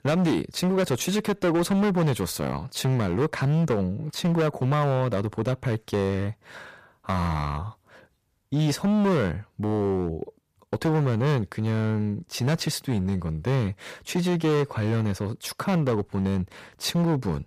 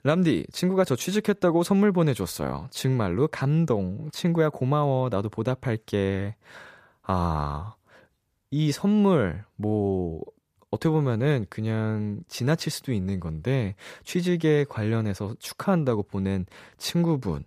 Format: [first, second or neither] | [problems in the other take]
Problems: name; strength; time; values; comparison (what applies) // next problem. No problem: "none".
second | distortion; slight; 13% of the sound clipped